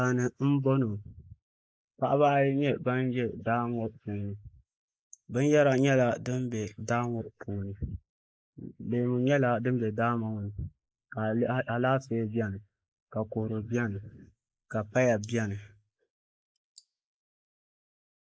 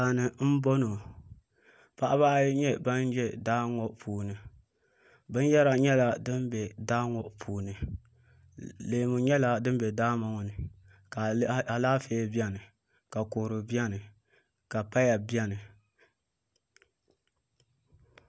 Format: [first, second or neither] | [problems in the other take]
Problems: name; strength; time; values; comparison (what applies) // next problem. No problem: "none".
second | noise reduction (neural mask model Resemble Enhance denoiser)